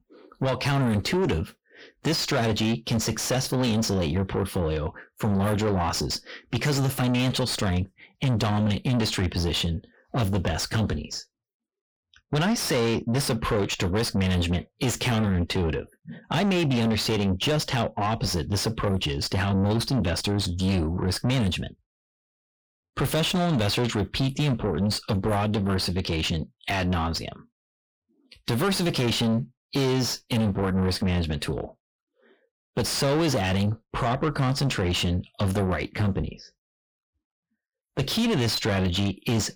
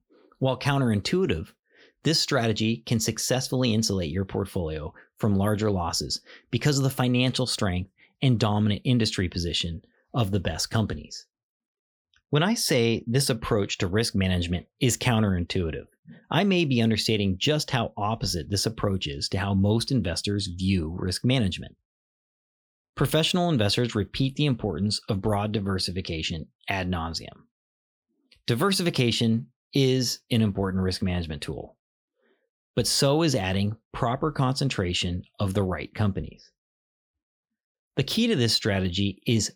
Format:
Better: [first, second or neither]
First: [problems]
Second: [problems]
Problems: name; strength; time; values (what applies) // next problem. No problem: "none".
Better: second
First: distortion; heavy; 7 dB below the speech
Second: none